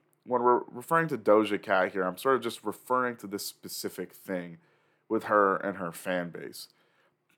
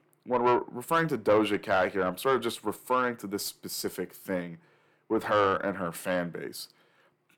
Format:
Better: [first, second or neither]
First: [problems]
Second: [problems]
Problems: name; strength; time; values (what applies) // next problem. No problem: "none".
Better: first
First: none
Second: distortion; slight; 10 dB below the speech